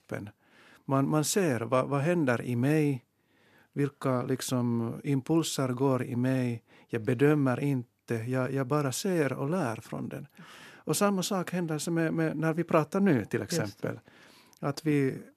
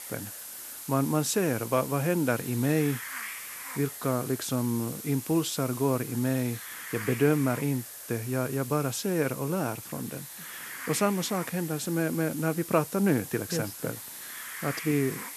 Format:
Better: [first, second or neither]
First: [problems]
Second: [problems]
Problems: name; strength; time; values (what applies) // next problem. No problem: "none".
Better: first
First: none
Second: hiss; loud; throughout; 9 dB below the speech